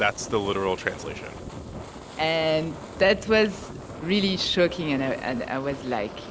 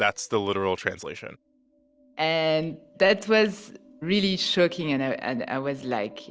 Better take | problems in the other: second | background sound (Fire); 13 dB below the speech

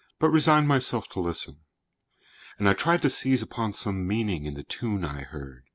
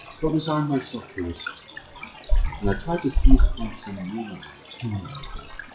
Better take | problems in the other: first | noise reduction (classical method WPE with log-MMSE)

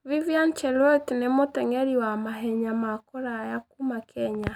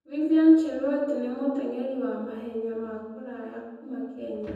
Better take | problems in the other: first | room echo; dies away in 1.1 s

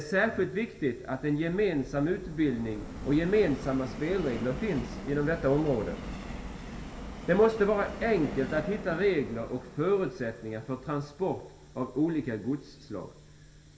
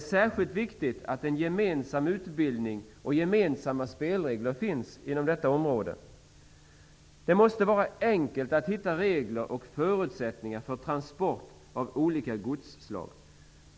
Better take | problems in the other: second | background sound (Subway, metro, underground); 12 dB below the speech // room echo; dies away in 0.7 s

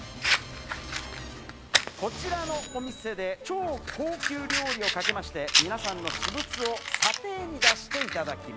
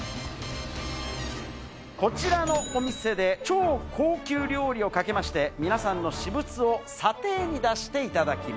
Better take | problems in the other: second | background sound (Fire); 3 dB above the speech

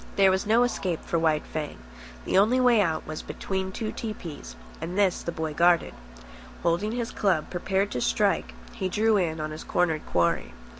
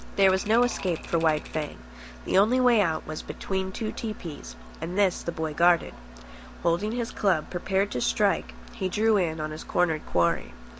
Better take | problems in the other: first | background sound (Typewriter); 18 dB below the speech

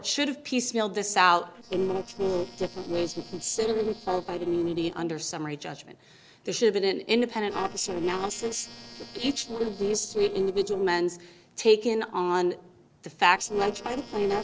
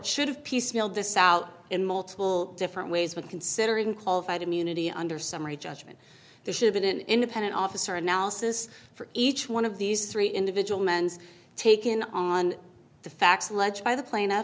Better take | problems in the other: second | noise reduction (neural separator model SepFormer DNS4)

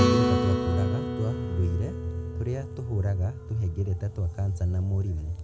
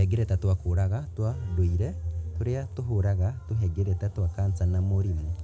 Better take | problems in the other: second | background sound (Acoustic guitar); 3 dB below the speech

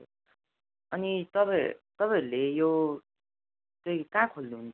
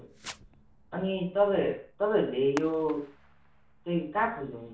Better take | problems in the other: first | background sound (Fireworks); 19 dB below the speech // room echo; dies away in 0.4 s

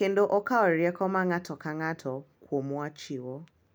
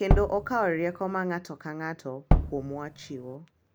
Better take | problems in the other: first | background sound (Tap / Bass drum); 4 dB above the speech

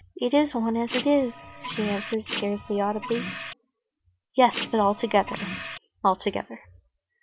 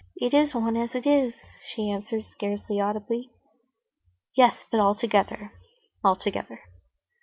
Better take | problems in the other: second | background sound (Printer); 9 dB below the speech

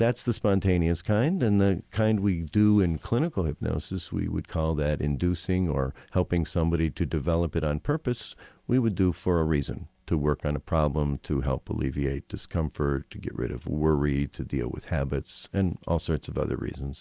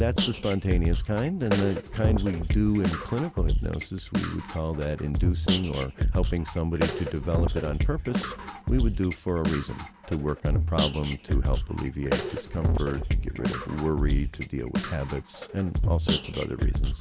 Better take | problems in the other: first | background sound (Drum kit); 1 dB above the speech

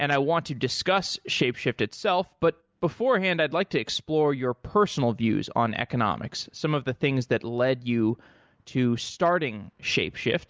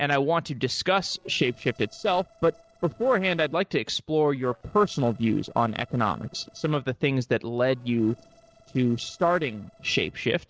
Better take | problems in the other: first | noise reduction (neural separator model SepFormer DNS4)

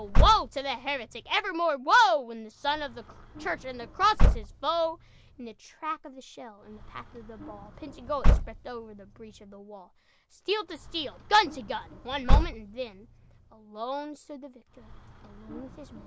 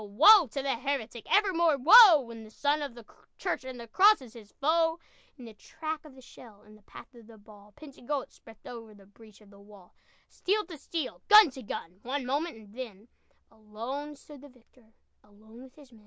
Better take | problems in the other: second | background sound (Slam / Car); 2 dB above the speech

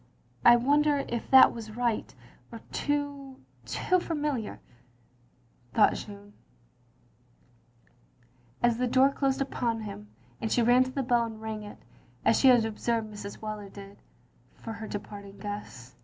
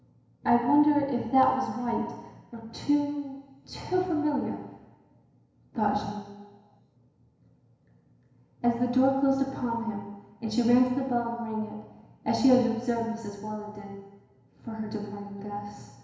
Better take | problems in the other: first | room echo; dies away in 1 s

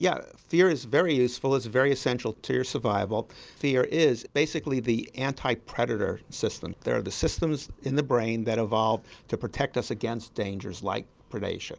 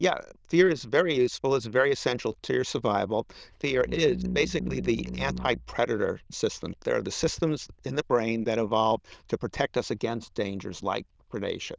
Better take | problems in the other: first | noise reduction (neural diffusion model UNIVERSE++)

